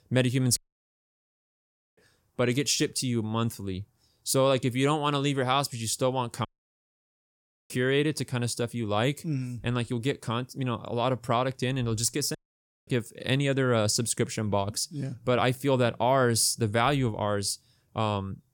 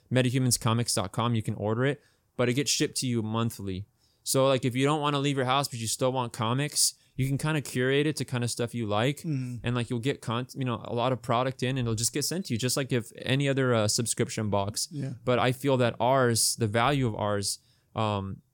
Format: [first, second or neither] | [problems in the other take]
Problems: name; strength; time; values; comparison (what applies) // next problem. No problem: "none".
second | audio cutting out; at 0.5 s for 1.5 s, at 6.5 s for 1.5 s and at 12 s for 0.5 s